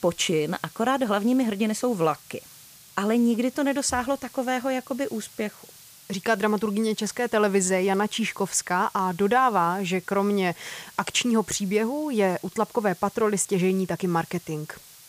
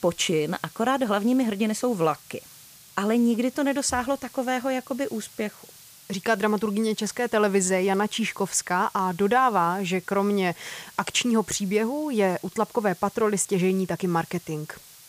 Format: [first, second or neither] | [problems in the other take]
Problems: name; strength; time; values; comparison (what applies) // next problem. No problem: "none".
neither | hiss; faint; throughout; 20 dB below the speech; the same in both